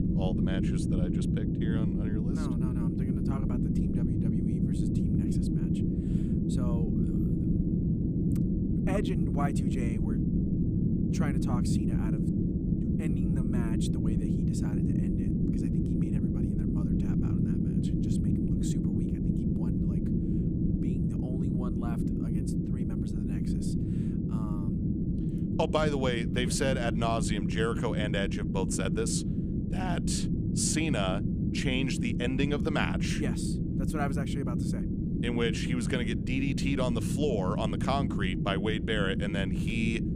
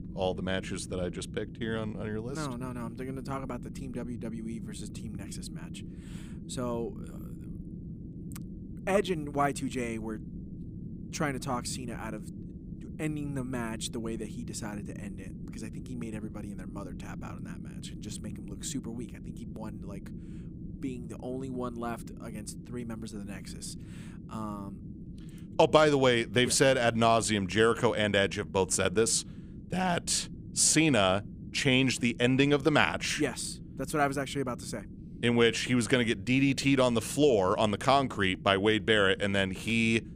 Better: second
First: low rumble; loud; throughout; 3 dB below the speech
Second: low rumble; faint; throughout; 25 dB below the speech

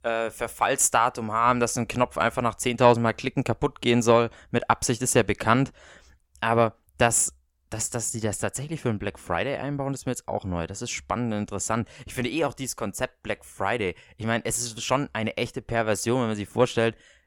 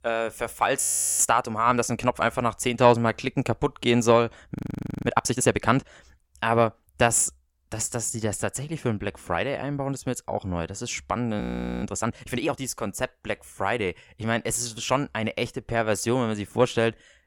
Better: first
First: none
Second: audio freezing; at 1 s, at 4.5 s for 0.5 s and at 11 s

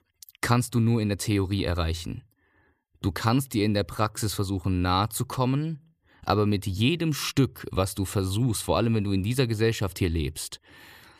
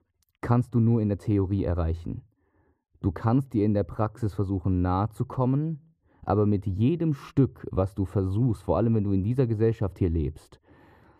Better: first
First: none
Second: muffled; very; fading above 2 kHz

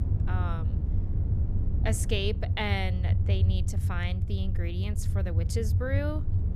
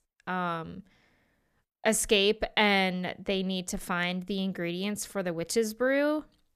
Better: second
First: low rumble; loud; throughout; 8 dB below the speech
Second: none

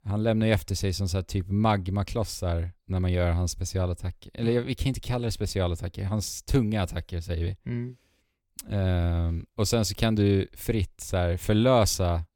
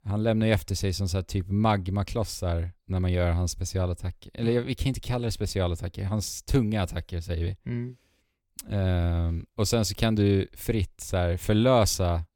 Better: neither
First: none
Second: none

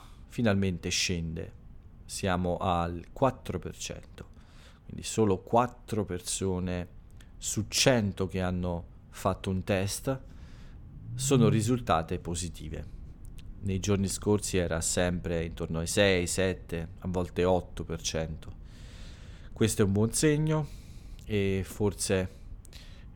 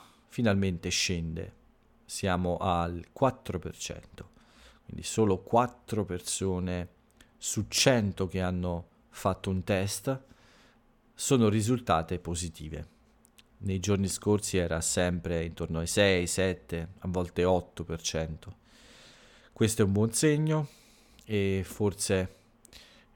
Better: second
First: low rumble; faint; throughout; 25 dB below the speech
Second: none

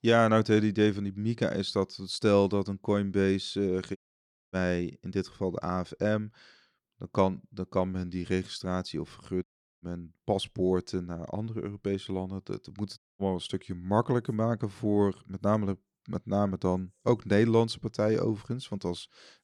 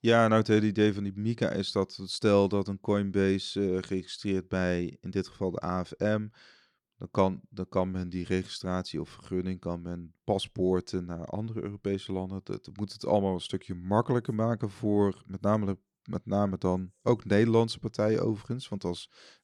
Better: second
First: audio cutting out; at 4 s for 0.5 s, at 9.5 s and at 13 s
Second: none

